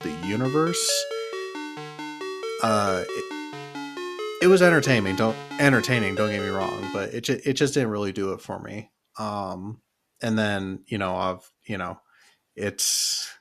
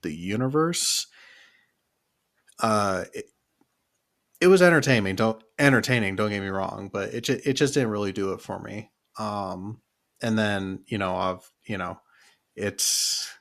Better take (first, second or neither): second